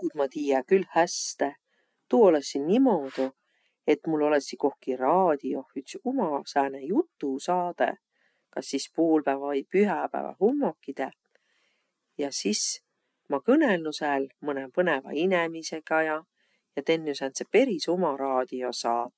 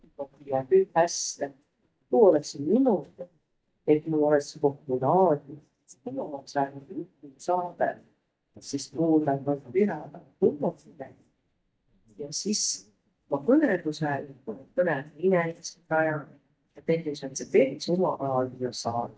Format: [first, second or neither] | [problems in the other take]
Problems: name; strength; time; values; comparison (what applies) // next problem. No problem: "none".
first | noise reduction (neural mask model DeepFilterNet 3)